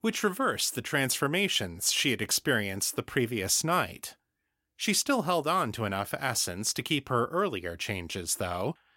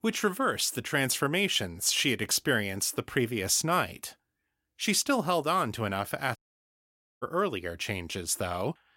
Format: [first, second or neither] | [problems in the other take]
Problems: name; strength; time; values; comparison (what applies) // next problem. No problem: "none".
first | audio cutting out; at 6.5 s for 1 s